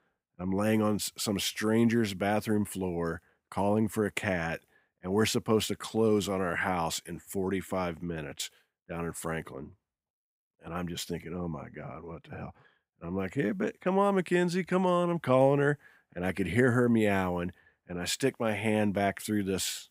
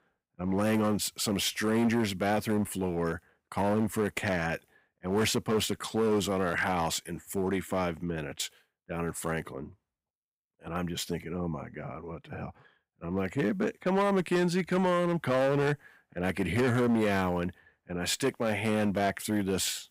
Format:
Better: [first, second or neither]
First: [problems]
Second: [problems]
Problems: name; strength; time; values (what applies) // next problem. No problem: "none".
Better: first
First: none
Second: distortion; slight; 7% of the sound clipped